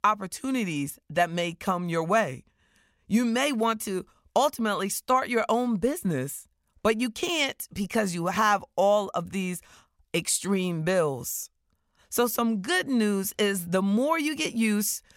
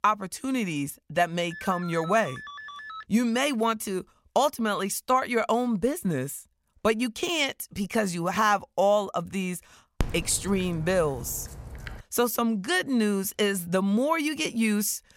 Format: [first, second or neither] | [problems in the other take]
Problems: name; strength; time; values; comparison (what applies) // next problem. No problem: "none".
first | phone ringing; faint; from 1.5 to 3 s; peak 10 dB below the speech // dog barking; noticeable; from 10 to 12 s; peak 7 dB below the speech